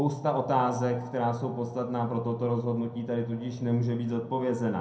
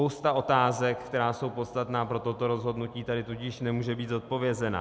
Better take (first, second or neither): second